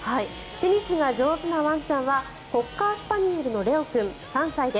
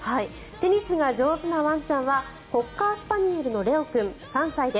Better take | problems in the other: second | background sound (Sawing / Engine); 19 dB below the speech

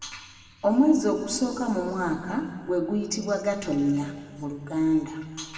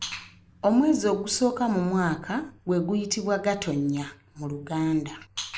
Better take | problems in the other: second | room echo; dies away in 2 s

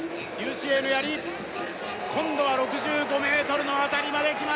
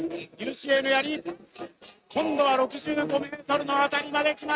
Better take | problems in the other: first | noise reduction (neural mask model RNNoise)

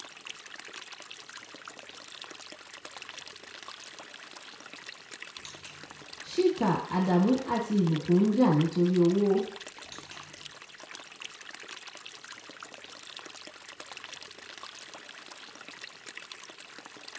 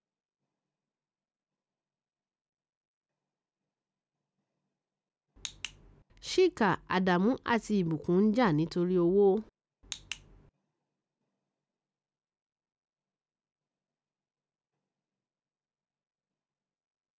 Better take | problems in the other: second | background sound (Stream); 14 dB below the speech // room echo; dies away in 0.6 s

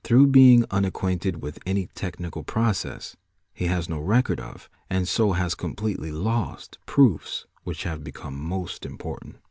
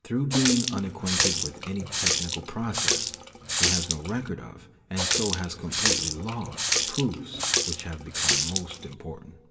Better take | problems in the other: first | background sound (Water tap, faucet); 4 dB above the speech // room echo; dies away in 0.9 s

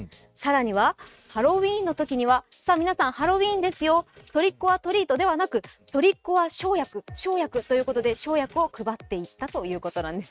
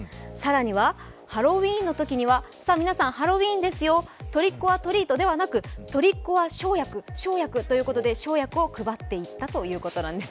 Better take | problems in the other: second | noise reduction (neural mask model RNNoise)

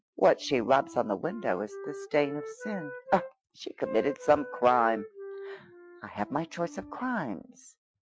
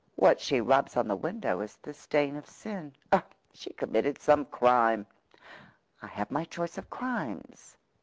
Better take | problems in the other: second | noise reduction (classical method Wiener filter)

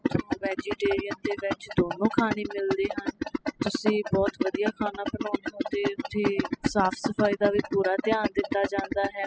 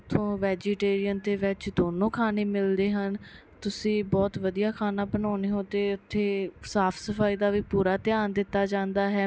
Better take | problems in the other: second | noise reduction (classical method spectral subtraction)

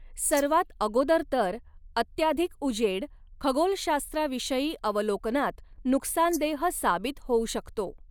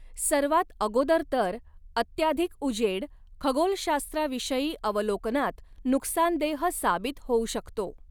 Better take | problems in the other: second | noise reduction (neural mask model Resemble Enhance denoiser)

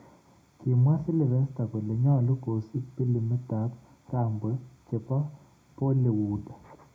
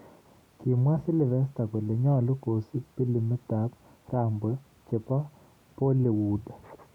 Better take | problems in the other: second | room echo; dies away in 0.2 s

